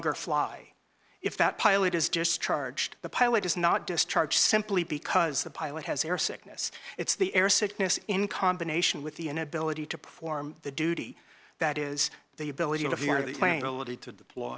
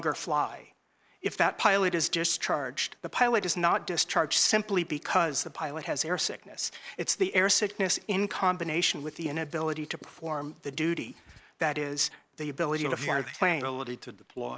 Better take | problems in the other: first | noise reduction (neural mask model Resemble Enhance denoiser)

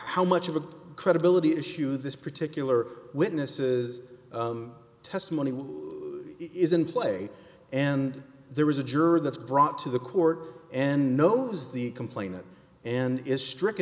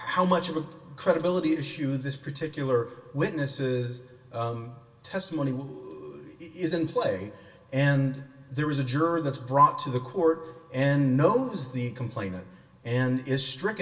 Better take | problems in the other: first | room echo; dies away in 0.2 s

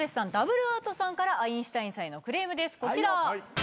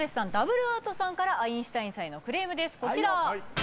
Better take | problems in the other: first | background sound (Cricket); 15 dB below the speech

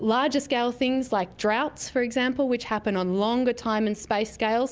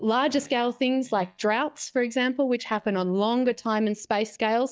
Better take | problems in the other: first | noise reduction (neural mask model DeepFilterNet 3)

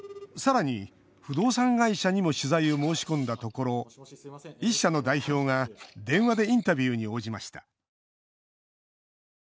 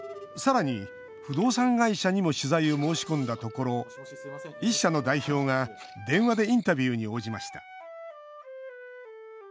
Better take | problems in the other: first | background sound (Wind instrument, woodwind instrument); 17 dB below the speech

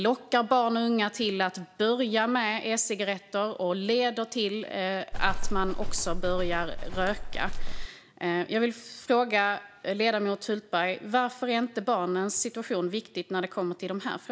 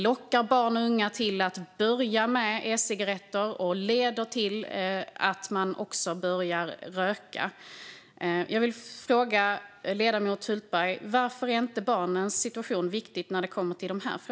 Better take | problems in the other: second | background sound (Livestock, farm animals, working animals); 1 dB above the speech

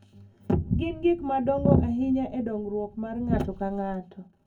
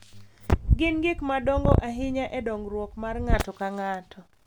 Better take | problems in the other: second | room echo; dies away in 0.3 s

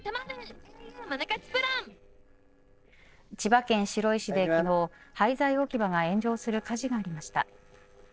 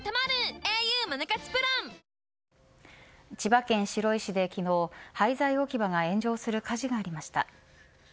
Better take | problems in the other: second | noise reduction (neural separator model SepFormer DNS4)

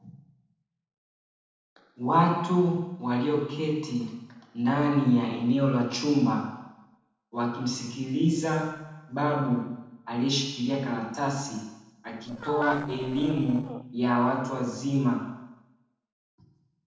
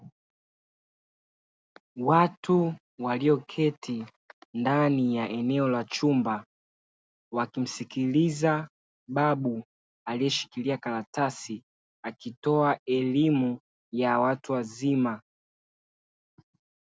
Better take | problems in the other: second | noise reduction (neural separator model SepFormer DNS4)

